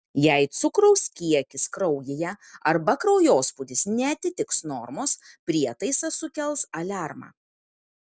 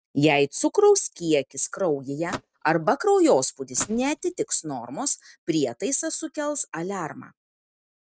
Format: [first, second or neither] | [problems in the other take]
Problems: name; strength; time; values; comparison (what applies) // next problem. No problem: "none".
first | noise reduction (neural mask model RNNoise)